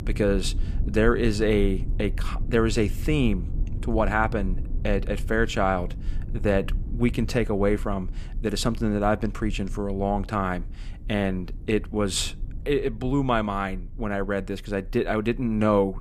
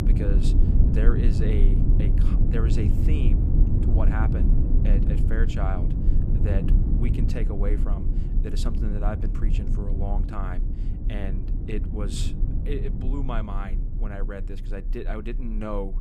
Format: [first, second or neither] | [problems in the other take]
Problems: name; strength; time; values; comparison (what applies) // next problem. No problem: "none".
first | low rumble; loud; throughout; 1 dB below the speech; faint in the first